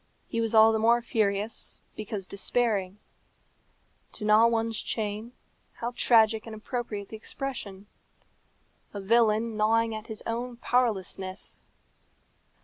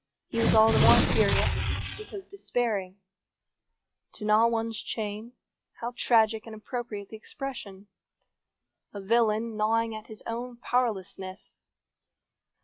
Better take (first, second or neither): first